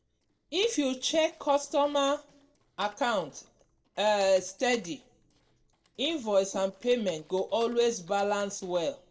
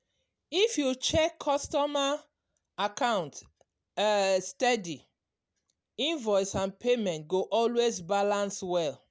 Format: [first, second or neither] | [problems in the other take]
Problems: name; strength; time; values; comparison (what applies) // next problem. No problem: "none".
second | noise reduction (neural separator model SepFormer DNS4)